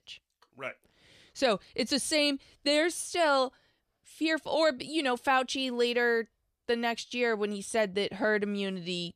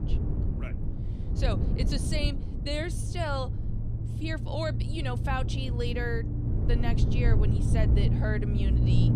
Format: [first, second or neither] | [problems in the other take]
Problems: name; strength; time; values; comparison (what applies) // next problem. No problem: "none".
first | low rumble; loud; throughout; 6 dB below the speech